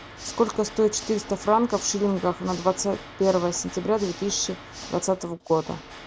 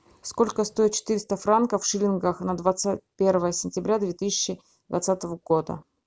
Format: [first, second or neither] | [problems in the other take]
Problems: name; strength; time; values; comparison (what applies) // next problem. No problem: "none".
second | background sound (Water / Mechanisms); 15 dB below the speech